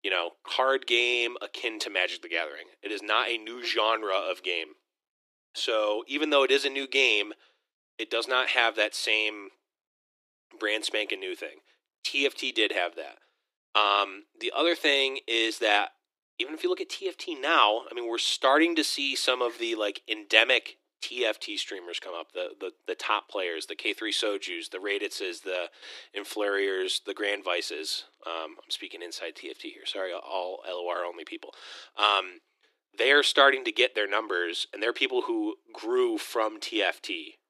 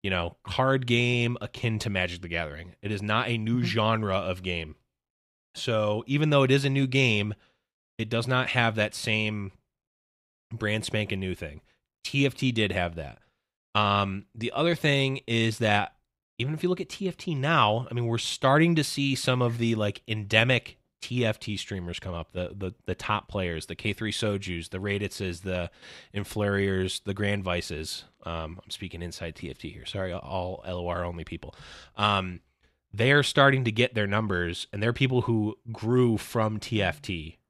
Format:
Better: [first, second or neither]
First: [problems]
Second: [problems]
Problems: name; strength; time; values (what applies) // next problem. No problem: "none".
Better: second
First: thin; very; fading below 300 Hz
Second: none